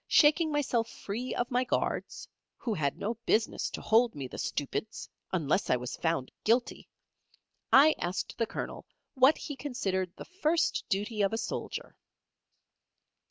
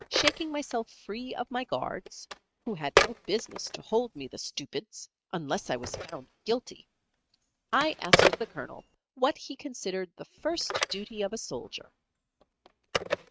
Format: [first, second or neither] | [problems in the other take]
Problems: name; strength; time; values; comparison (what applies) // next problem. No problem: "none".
first | noise reduction (neural mask model RNNoise)